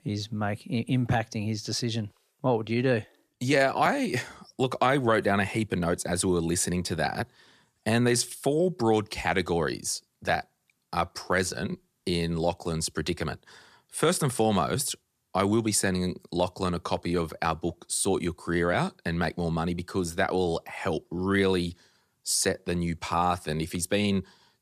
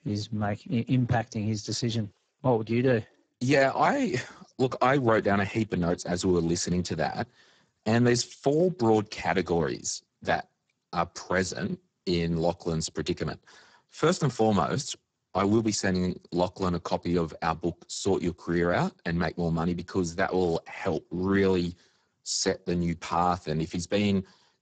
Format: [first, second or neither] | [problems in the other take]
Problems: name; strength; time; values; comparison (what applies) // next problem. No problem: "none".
first | garbled, watery; badly; nothing above 8 kHz